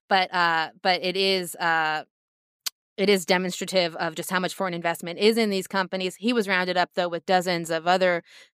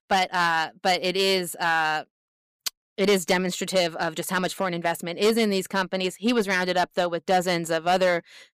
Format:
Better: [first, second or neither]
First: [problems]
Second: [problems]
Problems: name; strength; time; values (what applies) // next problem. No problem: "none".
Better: first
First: none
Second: distortion; slight; 4% of the sound clipped